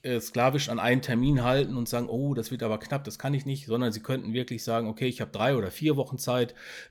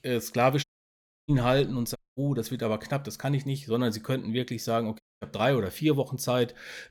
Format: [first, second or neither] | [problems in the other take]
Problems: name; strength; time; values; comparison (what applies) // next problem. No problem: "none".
first | audio cutting out; at 0.5 s for 0.5 s, at 2 s and at 5 s